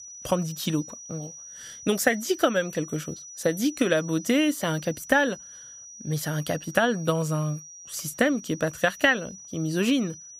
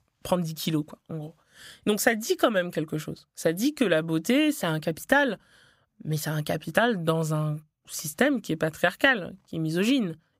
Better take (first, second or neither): second